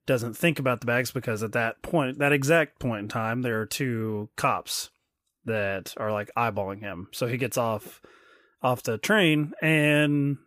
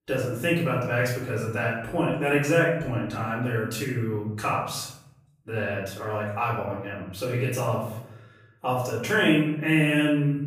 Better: first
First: none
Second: off-mic speech; far // room echo; noticeable; dies away in 0.8 s

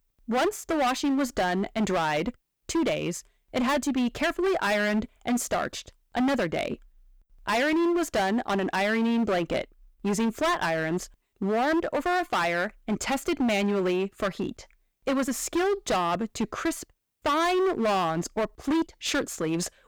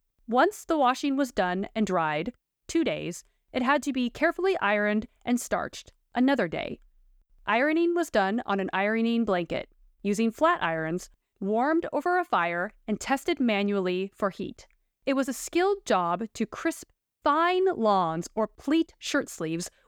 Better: second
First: distortion; heavy; 18% of the sound clipped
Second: none

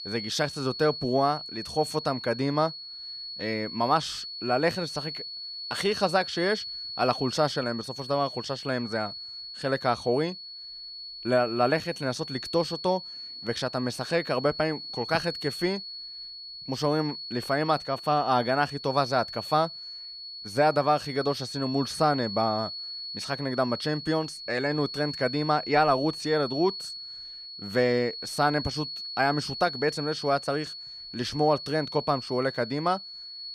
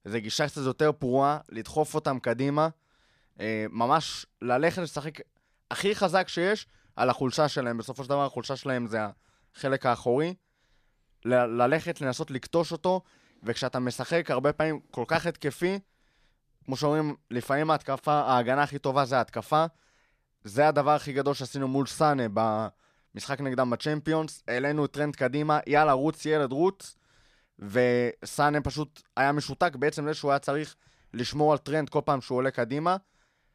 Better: second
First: high-pitched whine; loud; throughout; 4.5 kHz, 8 dB below the speech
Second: none

